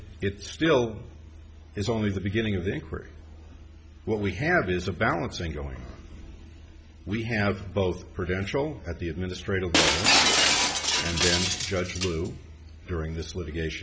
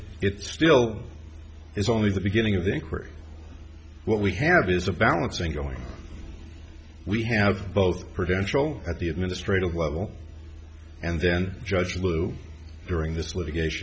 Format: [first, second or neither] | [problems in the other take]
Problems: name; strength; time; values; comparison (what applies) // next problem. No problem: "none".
second | background sound (Shatter); 4 dB above the speech